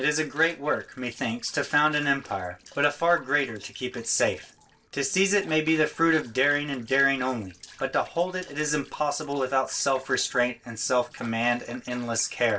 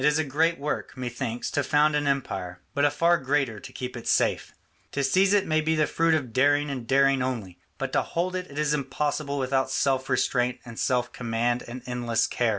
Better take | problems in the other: second | noise reduction (neural separator model SepFormer DNS4)

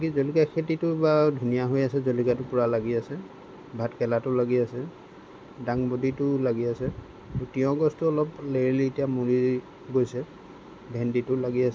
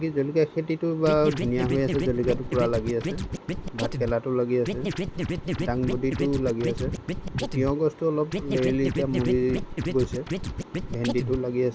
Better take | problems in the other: first | background sound (Scratching (performance technique)); 4 dB below the speech

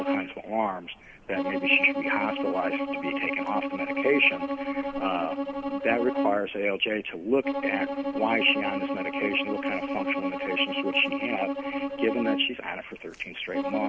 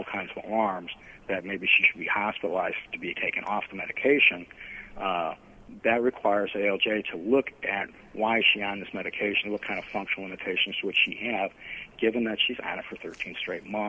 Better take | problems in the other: second | background sound (Bowed string instrument); 2 dB below the speech

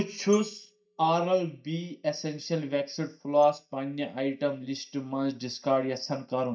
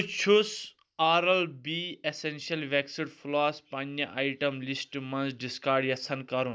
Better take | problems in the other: second | noise reduction (neural mask model DeepFilterNet 3)

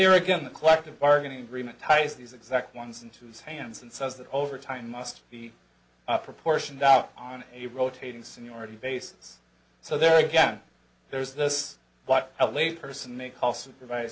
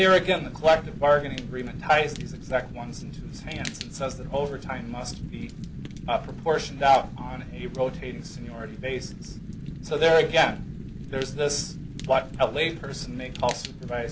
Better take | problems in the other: first | background sound (Fire); 10 dB below the speech

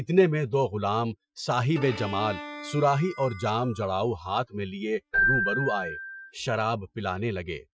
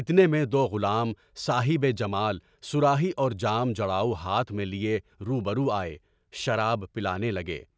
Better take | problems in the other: second | noise reduction (classical method Wiener filter)

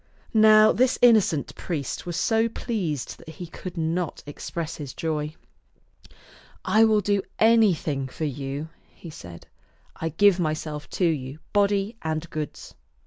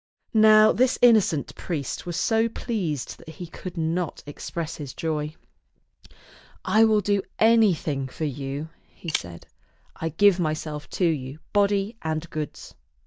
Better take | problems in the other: first | noise reduction (neural mask model DeepFilterNet 3)

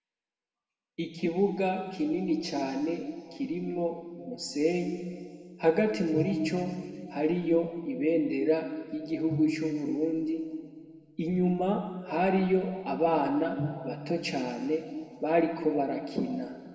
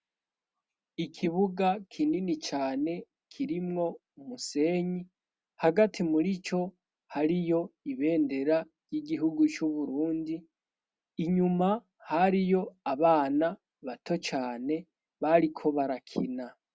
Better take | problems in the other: second | background sound (Bowed string instrument); 13 dB below the speech // room echo; dies away in 1.9 s

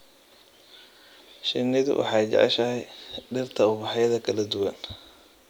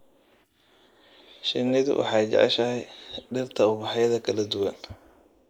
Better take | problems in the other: first | noise reduction (neural mask model Resemble Enhance denoiser)

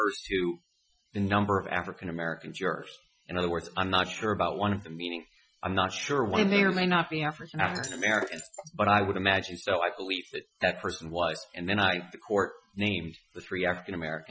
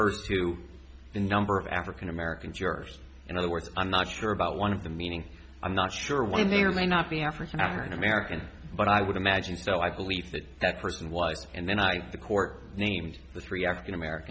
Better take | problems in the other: second | noise reduction (classical method Wiener filter)

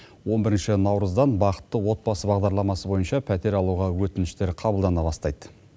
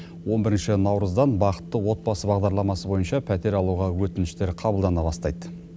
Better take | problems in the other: first | background sound (Wind); 16 dB below the speech

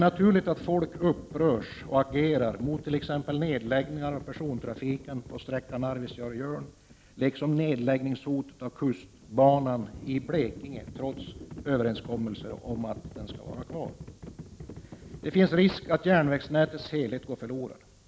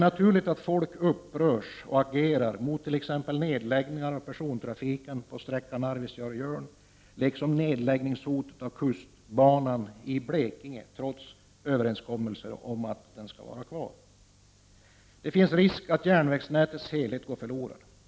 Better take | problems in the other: second | background sound (Livestock, farm animals, working animals); 16 dB below the speech

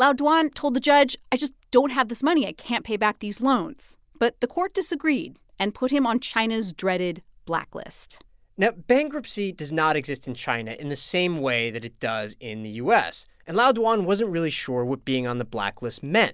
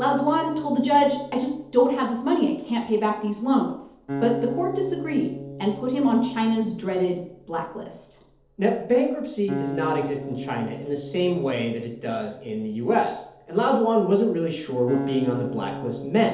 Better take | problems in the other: first | background sound (Acoustic guitar); 12 dB below the speech // room echo; dies away in 2.2 s

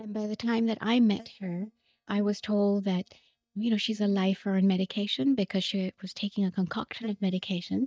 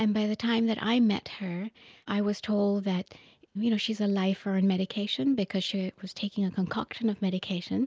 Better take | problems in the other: second | noise reduction (neural mask model DeepFilterNet 3)

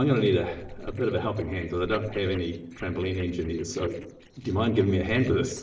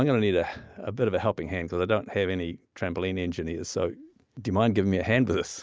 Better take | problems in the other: second | noise reduction (neural separator model SepFormer DNS4)

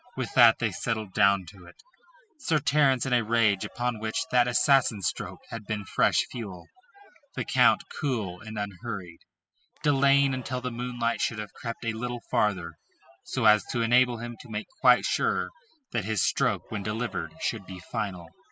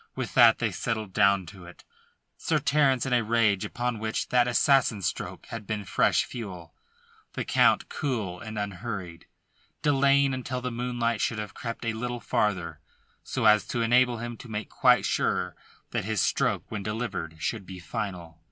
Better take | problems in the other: second | noise reduction (classical method spectral subtraction)

